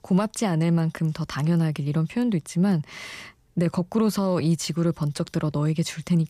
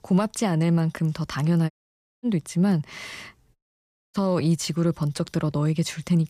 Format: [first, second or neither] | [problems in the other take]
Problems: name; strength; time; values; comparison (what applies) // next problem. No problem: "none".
first | audio cutting out; at 1.5 s for 0.5 s and at 3.5 s for 0.5 s